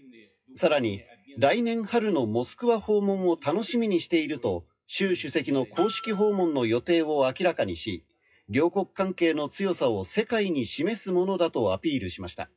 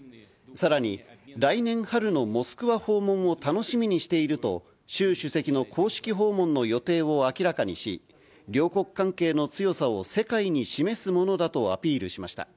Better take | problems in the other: second | noise reduction (classical method WPE with log-MMSE)

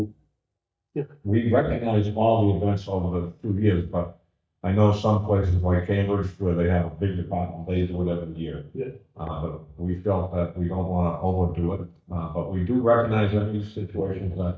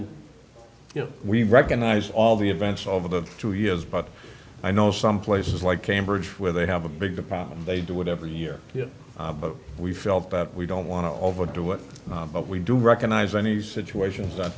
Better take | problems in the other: second | noise reduction (neural mask model DeepFilterNet 3)

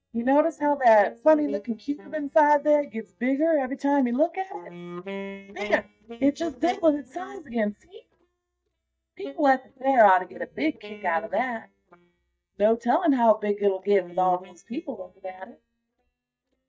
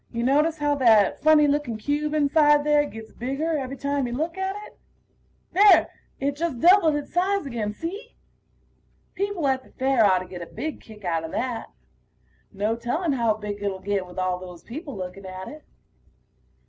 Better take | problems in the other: second | noise reduction (neural mask model DeepFilterNet 3)

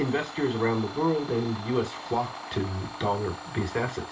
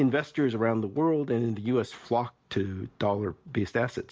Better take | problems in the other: second | background sound (Domestic sounds, home sounds); 11 dB below the speech // room echo; dies away in 0.2 s

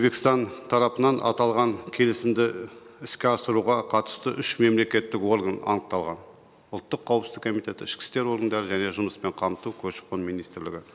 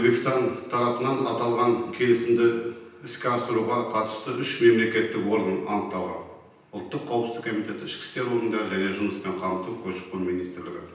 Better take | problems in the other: first | room echo; dies away in 0.9 s

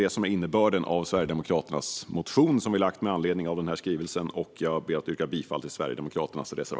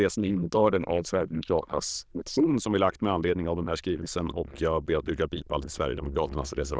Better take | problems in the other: first | noise reduction (neural diffusion model UNIVERSE++)

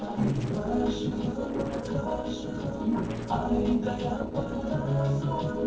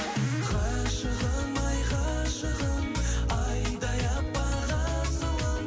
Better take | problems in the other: second | noise reduction (neural separator model SepFormer DNS4)

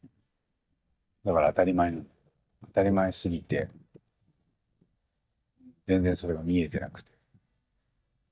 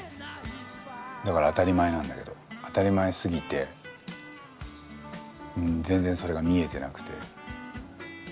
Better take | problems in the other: second | noise reduction (neural mask model DeepFilterNet 3)

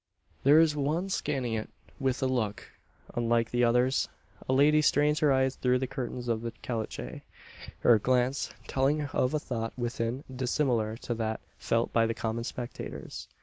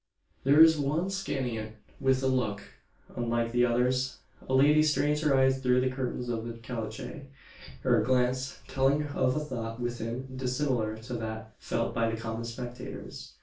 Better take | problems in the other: first | room echo; dies away in 0.3 s

